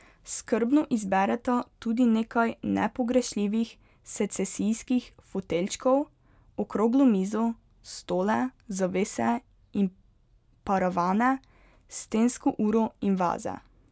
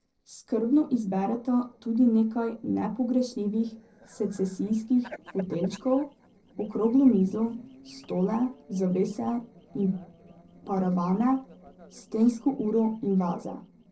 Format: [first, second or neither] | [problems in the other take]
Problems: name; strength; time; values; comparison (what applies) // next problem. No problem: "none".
first | noise reduction (neural separator model SepFormer DNS4)